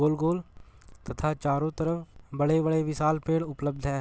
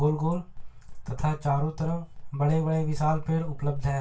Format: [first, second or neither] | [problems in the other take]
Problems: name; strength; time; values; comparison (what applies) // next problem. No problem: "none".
first | room echo; dies away in 0.2 s